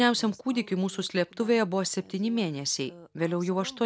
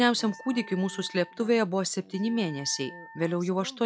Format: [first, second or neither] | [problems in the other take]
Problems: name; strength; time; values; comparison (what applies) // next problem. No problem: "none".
first | noise reduction (classical method log-MMSE)